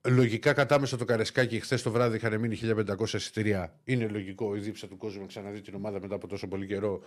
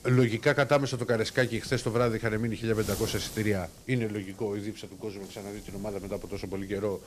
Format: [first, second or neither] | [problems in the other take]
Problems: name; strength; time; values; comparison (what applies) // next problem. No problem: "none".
first | wind noise on the microphone; occasional gusts; 15 dB below the speech